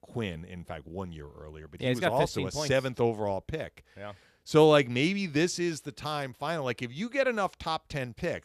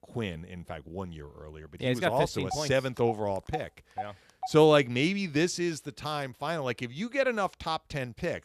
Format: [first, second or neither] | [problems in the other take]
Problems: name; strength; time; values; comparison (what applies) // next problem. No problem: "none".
first | phone ringing; faint; from 2.5 to 4.5 s; peak 10 dB below the speech